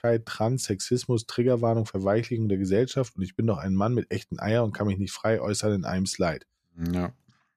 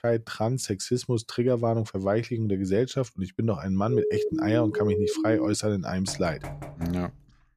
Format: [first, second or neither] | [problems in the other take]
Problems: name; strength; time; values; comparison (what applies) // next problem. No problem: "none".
first | siren; loud; from 4 to 5.5 s; peak 1 dB above the speech // door banging; faint; from 6 s on; peak 10 dB below the speech